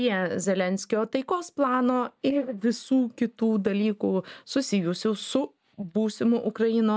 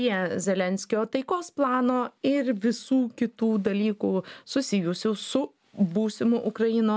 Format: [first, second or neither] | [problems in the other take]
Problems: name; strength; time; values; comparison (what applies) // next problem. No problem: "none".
second | noise reduction (neural mask model DeepFilterNet 3)